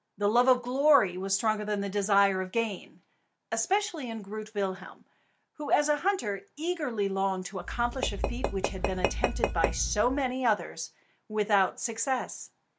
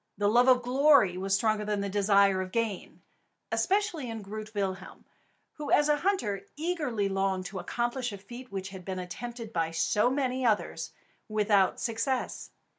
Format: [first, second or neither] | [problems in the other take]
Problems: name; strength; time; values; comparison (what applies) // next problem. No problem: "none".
second | background sound (Tap / Glass); 2 dB below the speech